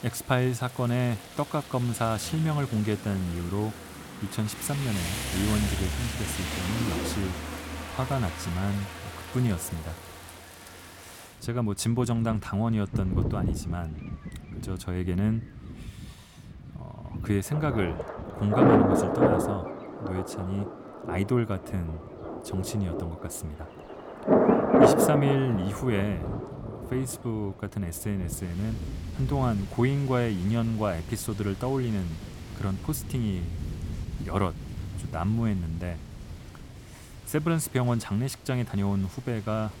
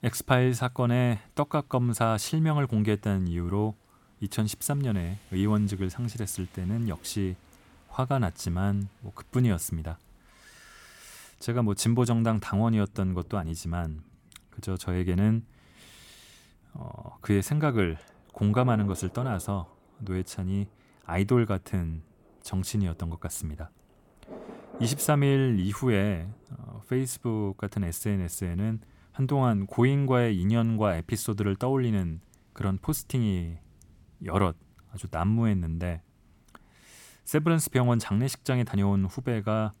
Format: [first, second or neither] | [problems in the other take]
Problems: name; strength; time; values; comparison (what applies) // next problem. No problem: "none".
second | rain or running water; loud; throughout; 1 dB below the speech; faint in the second